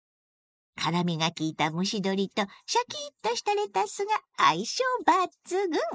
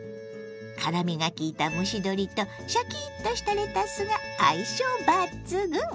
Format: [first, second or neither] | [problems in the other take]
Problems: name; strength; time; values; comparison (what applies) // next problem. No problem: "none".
second | noise reduction (neural mask model Resemble Enhance denoiser)